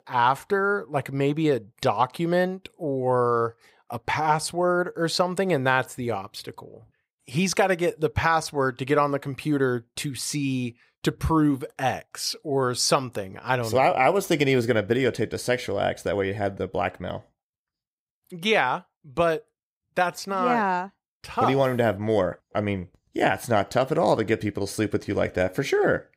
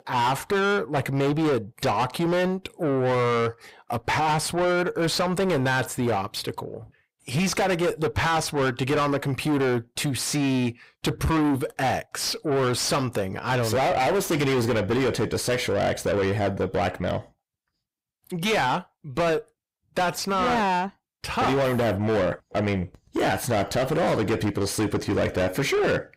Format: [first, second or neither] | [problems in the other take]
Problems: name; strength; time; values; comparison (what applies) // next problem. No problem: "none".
first | distortion; heavy; 5 dB below the speech